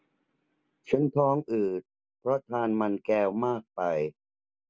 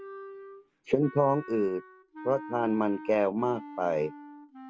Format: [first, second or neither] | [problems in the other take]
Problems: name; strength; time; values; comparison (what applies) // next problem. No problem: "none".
first | background sound (Wind instrument, woodwind instrument); 15 dB below the speech